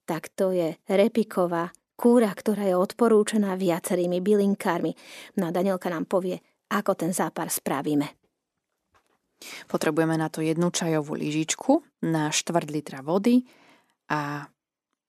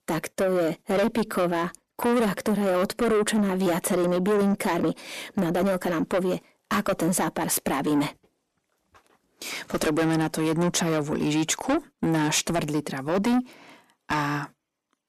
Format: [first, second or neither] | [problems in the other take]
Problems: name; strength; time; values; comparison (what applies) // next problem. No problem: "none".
first | distortion; heavy; 6 dB below the speech